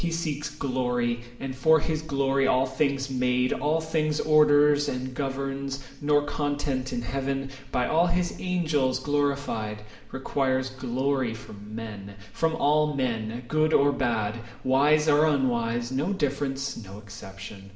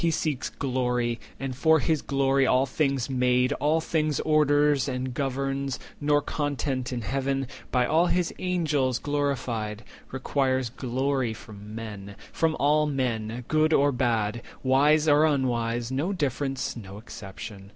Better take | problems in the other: second | room echo; dies away in 0.8 s

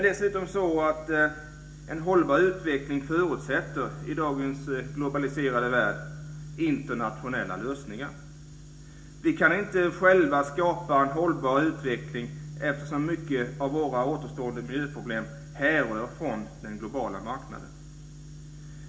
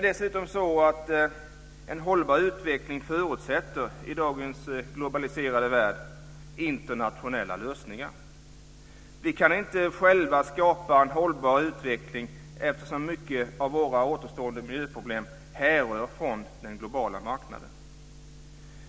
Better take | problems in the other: second | room echo; dies away in 0.4 s

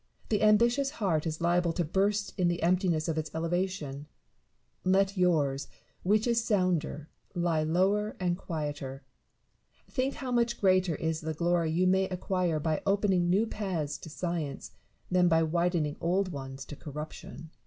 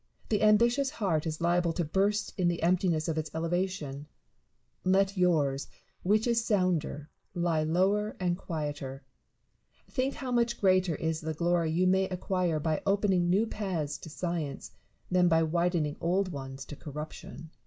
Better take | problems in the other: first | noise reduction (neural mask model Resemble Enhance denoiser)

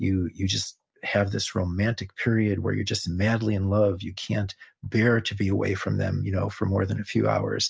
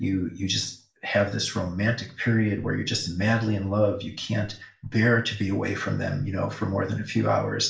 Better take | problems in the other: first | room echo; dies away in 0.4 s

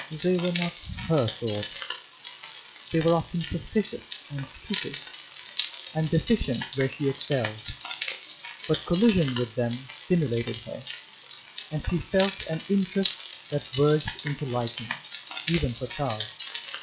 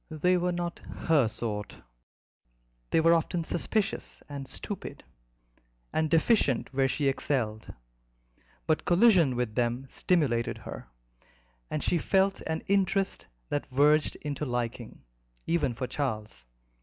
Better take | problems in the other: second | noise reduction (classical method log-MMSE)

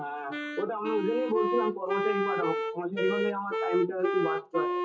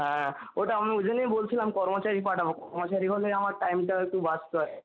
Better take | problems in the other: second | noise reduction (classical method WPE with log-MMSE)

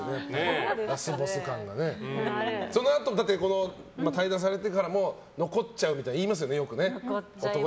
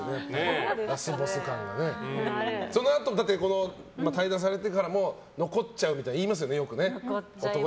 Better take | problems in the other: first | background sound (Wind instrument, woodwind instrument); 15 dB below the speech

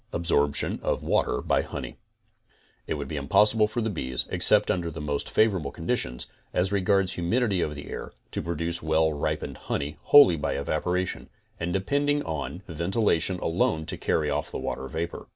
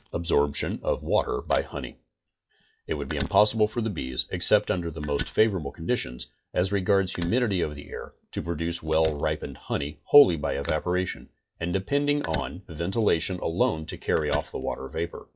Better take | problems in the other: first | noise reduction (classical method log-MMSE)

